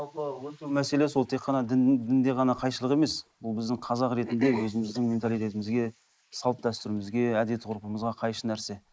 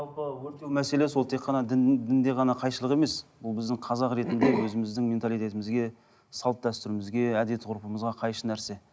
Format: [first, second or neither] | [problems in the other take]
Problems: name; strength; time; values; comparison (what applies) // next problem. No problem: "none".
second | noise reduction (neural mask model Resemble Enhance denoiser)